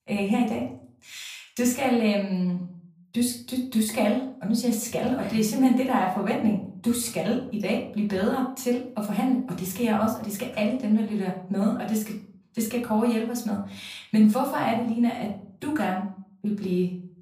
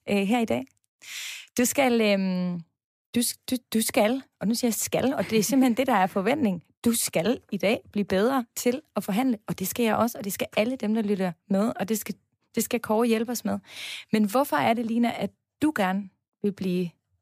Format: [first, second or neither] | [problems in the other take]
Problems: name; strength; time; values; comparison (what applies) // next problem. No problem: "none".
second | off-mic speech; far // room echo; slight; dies away in 0.5 s